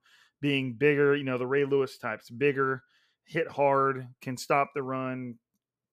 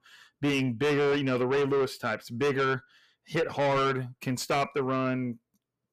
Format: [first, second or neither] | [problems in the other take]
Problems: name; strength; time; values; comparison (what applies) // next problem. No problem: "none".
first | distortion; heavy; 6 dB below the speech